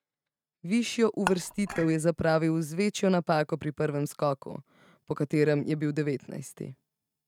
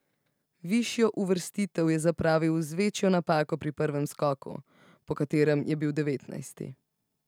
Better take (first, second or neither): second